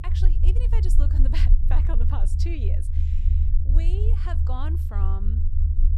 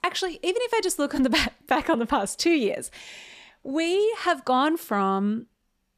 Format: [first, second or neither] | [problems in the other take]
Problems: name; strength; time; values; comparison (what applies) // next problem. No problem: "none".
second | low rumble; loud; throughout; 3 dB below the speech